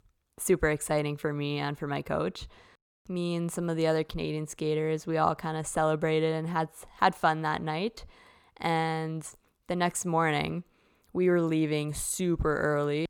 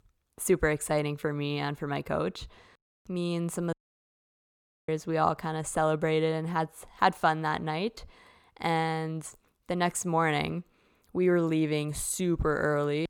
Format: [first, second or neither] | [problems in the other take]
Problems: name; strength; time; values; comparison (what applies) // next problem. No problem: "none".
first | audio cutting out; at 3.5 s for 1 s